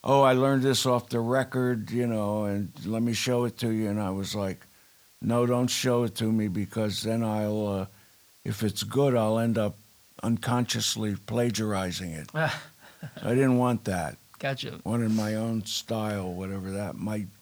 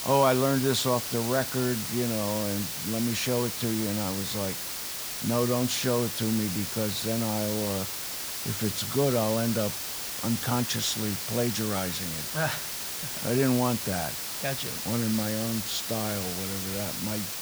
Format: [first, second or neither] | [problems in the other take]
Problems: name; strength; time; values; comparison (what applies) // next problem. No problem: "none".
first | hiss; loud; throughout; 2 dB below the speech; faint in the first